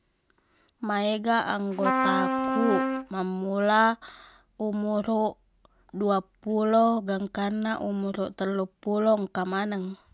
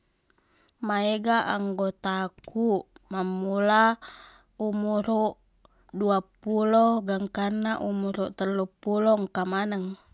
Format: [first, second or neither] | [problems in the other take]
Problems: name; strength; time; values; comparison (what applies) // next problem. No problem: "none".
second | background sound (Trumpet); as loud as the speech